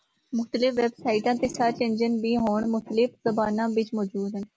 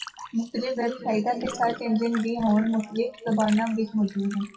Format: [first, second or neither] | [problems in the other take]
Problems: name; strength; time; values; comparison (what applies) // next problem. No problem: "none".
first | noise reduction (classical method WPE with log-MMSE)